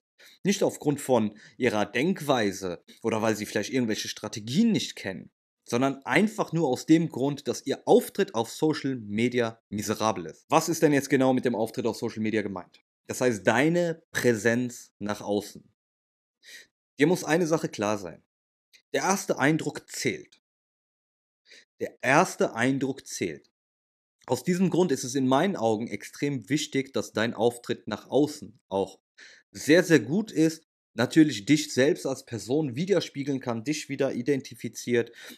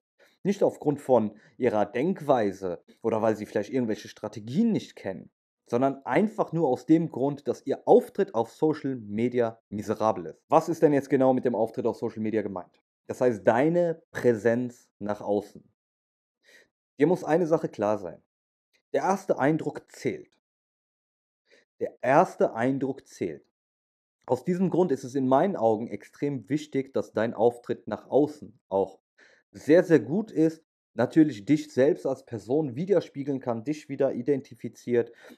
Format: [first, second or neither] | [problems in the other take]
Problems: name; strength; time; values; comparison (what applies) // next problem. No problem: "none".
first | muffled; very; fading above 2 kHz